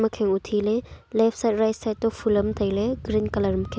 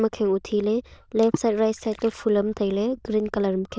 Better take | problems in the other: first | noise reduction (neural diffusion model UNIVERSE++)

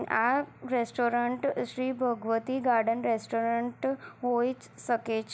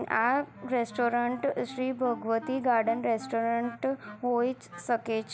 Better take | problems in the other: first | background sound (Wind instrument, woodwind instrument); 18 dB below the speech

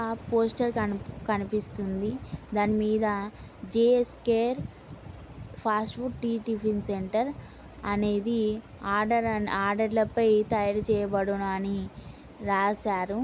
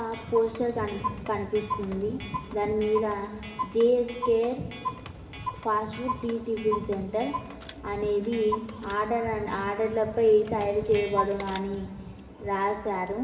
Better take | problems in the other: first | background sound (Clock); 11 dB below the speech // room echo; dies away in 1.9 s

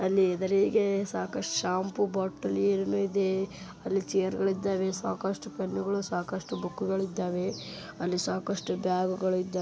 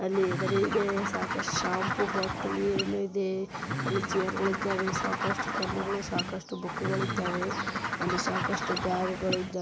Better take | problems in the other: first | background sound (Bird); 1 dB below the speech

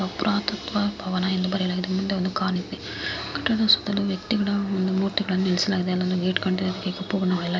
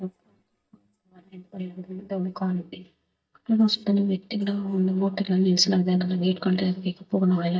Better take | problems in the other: first | noise reduction (neural mask model DeepFilterNet 3)

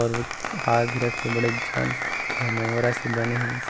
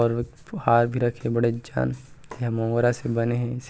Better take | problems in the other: second | background sound (Applause); 3 dB below the speech

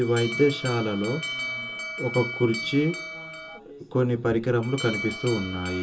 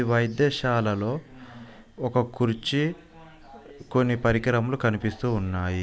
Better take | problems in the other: second | background sound (Alarm); 9 dB below the speech // room echo; dies away in 0.2 s

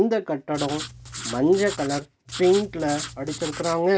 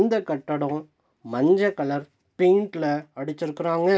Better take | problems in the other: second | background sound (Writing); 12 dB below the speech

